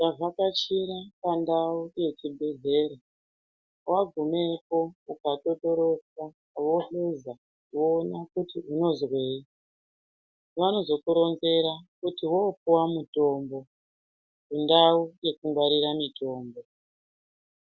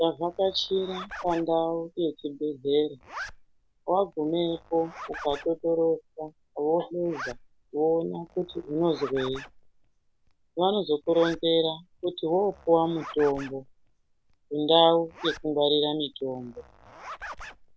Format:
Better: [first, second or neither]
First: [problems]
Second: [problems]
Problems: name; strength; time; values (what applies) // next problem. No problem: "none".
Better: first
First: none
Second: background sound (Zipper (clothing)); 17 dB below the speech